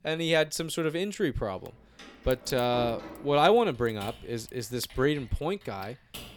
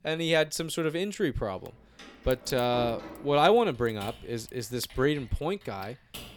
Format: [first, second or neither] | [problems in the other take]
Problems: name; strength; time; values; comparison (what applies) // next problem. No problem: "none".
neither | household noises; noticeable; throughout; 20 dB below the speech; the same in both